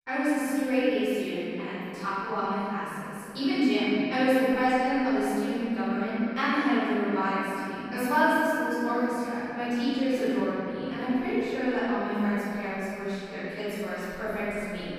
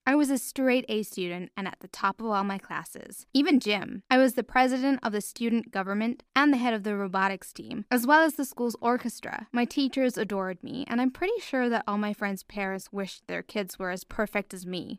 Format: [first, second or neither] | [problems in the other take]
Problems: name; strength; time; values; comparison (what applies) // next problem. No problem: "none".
second | off-mic speech; far // room echo; strong; dies away in 3 s